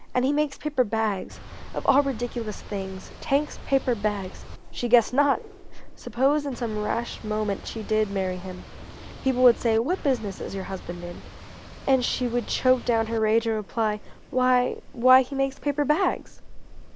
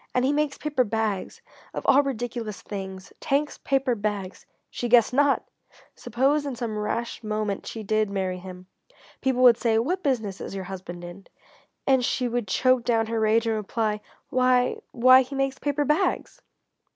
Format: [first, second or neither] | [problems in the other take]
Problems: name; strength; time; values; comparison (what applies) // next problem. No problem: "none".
second | background sound (Boat, Water vehicle + Wind); 13 dB below the speech